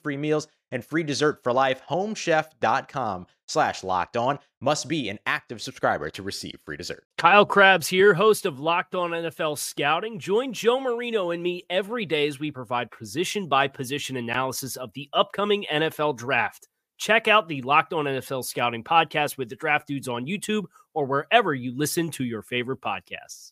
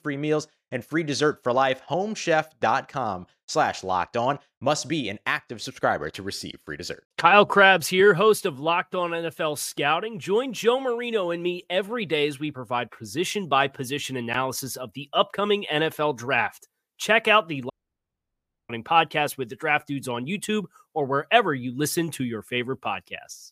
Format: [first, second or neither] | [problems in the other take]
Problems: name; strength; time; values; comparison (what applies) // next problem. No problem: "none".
first | audio cutting out; at 18 s for 1 s